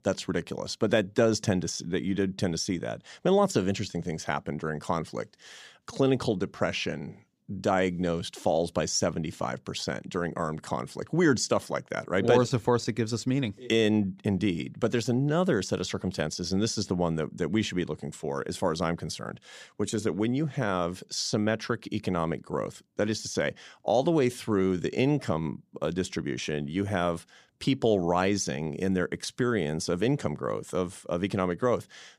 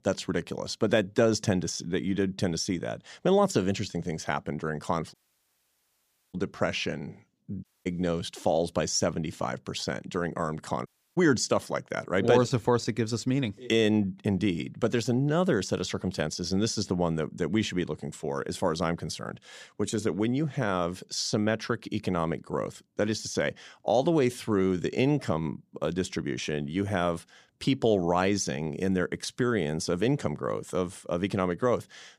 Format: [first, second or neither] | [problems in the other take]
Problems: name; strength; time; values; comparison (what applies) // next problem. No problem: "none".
first | audio cutting out; at 5 s for 1 s, at 7.5 s and at 11 s